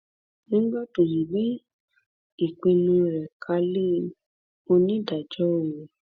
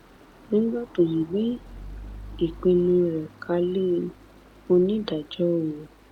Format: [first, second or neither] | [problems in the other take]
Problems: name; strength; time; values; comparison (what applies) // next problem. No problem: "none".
first | background sound (Stream); 19 dB below the speech